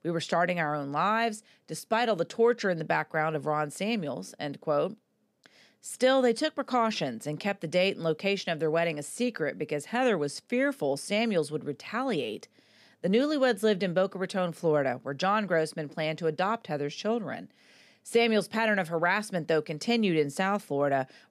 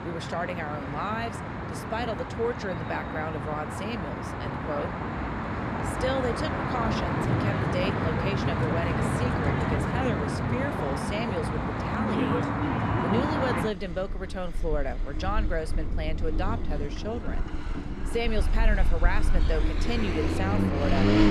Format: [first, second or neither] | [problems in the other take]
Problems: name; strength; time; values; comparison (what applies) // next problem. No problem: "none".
first | traffic noise; very loud; throughout; 4 dB above the speech